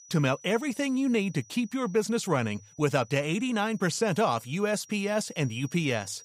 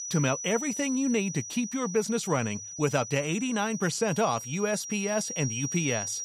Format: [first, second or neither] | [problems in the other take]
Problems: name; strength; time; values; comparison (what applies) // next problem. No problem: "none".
first | high-pitched whine; loud; throughout; 5.5 kHz, 7 dB below the speech; faint in the first